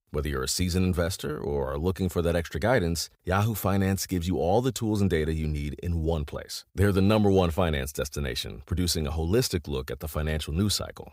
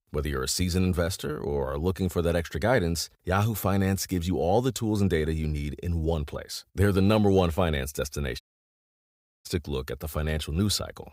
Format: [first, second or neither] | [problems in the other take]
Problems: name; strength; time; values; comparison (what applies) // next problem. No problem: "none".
first | audio cutting out; at 8.5 s for 1 s